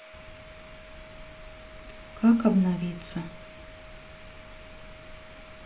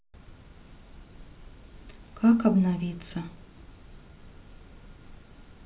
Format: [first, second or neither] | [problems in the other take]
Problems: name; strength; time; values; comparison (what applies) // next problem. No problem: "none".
second | background sound (Domestic sounds, home sounds); 18 dB below the speech